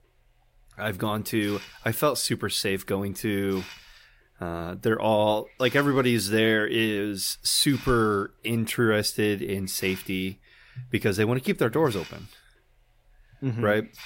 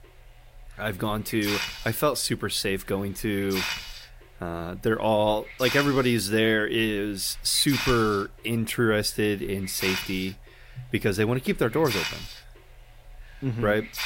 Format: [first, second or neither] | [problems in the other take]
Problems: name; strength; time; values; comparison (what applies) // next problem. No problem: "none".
first | hiss; loud; throughout; 7 dB below the speech; faint in the first